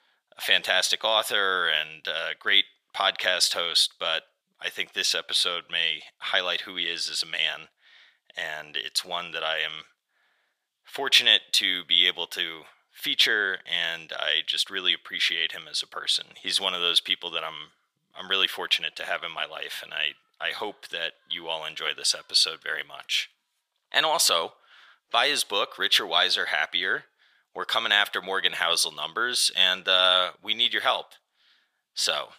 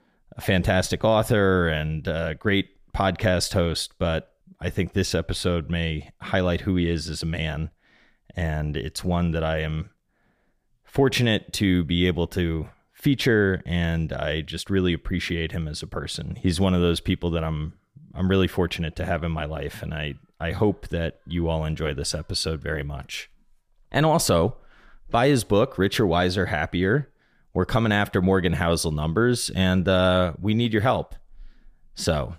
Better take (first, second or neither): second